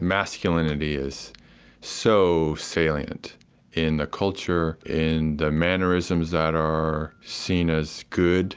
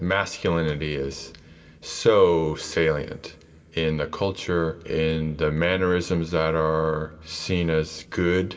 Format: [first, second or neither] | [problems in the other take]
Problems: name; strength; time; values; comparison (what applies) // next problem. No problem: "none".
first | room echo; dies away in 2.8 s